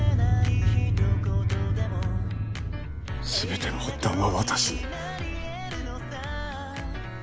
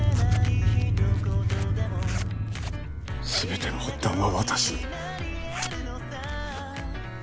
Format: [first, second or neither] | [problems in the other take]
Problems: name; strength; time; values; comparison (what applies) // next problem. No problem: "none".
first | background sound (Zipper (clothing)); 18 dB below the speech